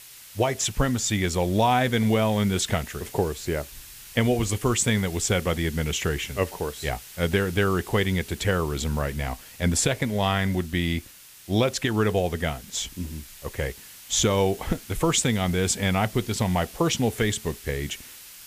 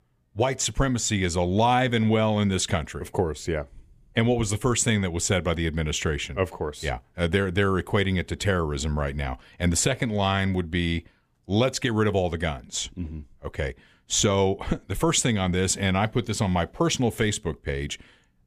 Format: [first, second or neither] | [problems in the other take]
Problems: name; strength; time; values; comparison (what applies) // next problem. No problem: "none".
second | hiss; noticeable; throughout; 15 dB below the speech